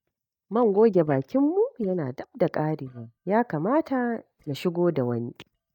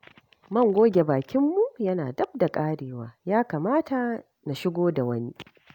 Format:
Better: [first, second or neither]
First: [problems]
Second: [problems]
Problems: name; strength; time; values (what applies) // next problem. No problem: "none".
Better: second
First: noise reduction (neural mask model DeepFilterNet 3)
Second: none